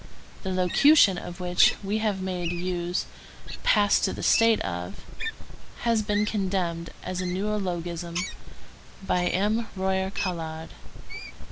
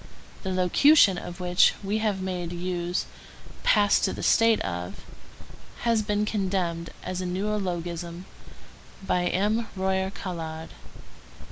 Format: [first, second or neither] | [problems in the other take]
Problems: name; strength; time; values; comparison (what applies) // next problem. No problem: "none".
second | background sound (Wild animals); 13 dB below the speech